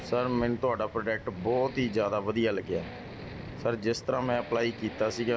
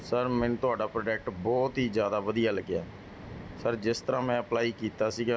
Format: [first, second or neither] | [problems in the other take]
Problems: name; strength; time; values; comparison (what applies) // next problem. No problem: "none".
second | background sound (Accelerating, revving, vroom); 15 dB below the speech